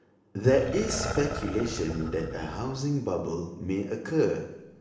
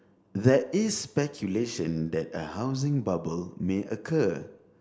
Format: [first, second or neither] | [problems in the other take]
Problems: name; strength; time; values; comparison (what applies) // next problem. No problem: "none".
second | background sound (Growling); 10 dB below the speech // room echo; dies away in 1 s